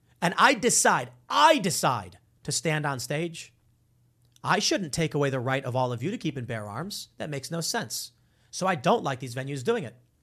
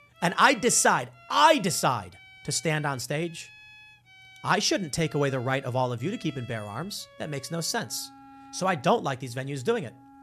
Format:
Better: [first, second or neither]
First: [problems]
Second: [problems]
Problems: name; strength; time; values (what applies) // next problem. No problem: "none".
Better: first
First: none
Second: background music; faint; throughout; 25 dB below the speech